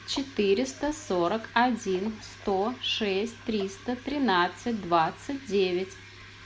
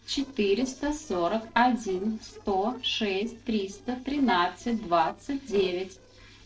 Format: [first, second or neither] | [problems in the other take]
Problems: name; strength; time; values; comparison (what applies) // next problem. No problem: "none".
first | noise reduction (neural separator model SepFormer DNS4)